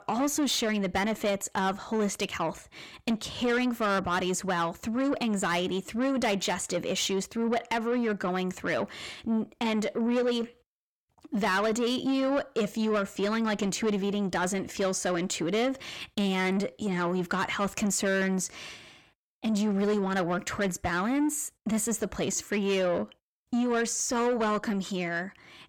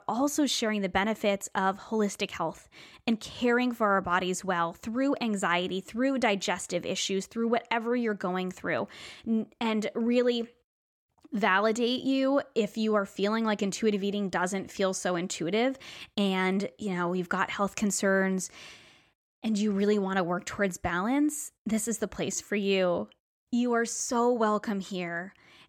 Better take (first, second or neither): second